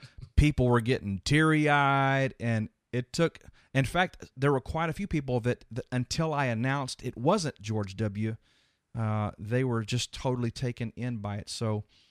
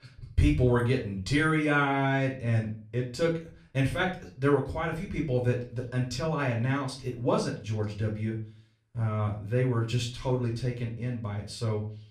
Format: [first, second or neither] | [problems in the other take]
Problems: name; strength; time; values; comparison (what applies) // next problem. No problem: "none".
first | off-mic speech; far // room echo; slight; dies away in 0.3 s